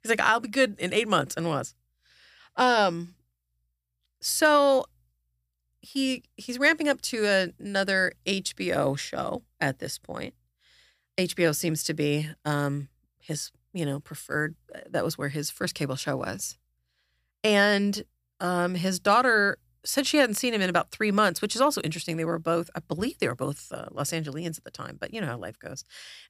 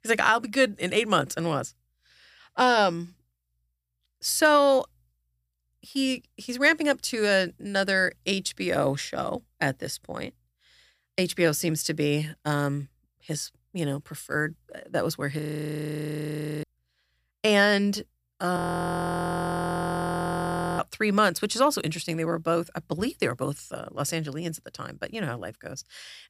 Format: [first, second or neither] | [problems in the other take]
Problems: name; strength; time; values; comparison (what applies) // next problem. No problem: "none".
first | audio freezing; at 15 s for 1 s and at 19 s for 2 s